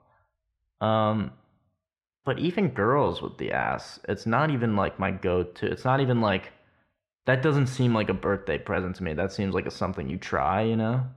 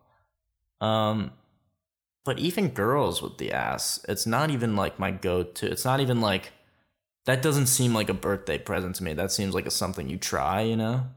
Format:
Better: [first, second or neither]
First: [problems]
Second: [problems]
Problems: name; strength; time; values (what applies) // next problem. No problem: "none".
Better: second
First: muffled; very; fading above 2 kHz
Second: none